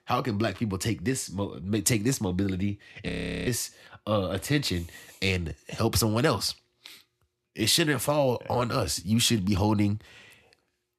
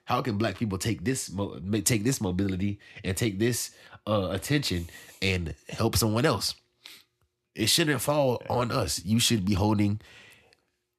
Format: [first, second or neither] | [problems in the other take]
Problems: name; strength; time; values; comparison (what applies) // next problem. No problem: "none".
second | audio freezing; at 3 s